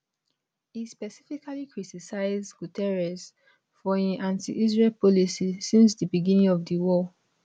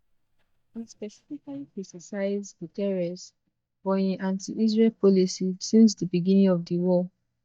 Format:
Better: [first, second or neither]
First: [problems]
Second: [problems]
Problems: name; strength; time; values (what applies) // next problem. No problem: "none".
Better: first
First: none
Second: noise reduction (neural mask model DeepFilterNet 3)